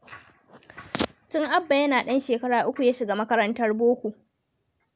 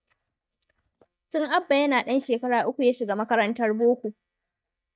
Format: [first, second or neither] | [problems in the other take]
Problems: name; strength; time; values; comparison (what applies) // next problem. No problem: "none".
first | noise reduction (neural mask model DeepFilterNet 3)